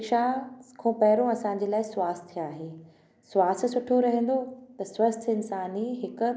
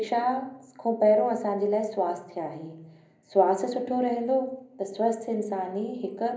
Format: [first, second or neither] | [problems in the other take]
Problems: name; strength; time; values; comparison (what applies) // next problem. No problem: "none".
first | room echo; dies away in 0.5 s